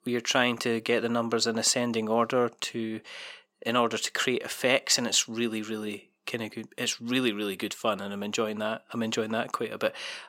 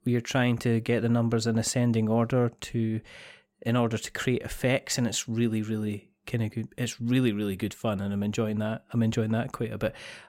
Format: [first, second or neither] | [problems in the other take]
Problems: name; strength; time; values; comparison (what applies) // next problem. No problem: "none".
second | thin; somewhat; fading below 300 Hz